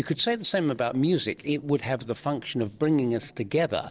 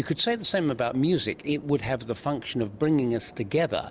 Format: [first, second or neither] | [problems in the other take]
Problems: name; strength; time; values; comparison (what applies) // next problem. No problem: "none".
second | noise reduction (neural separator model SepFormer DNS4)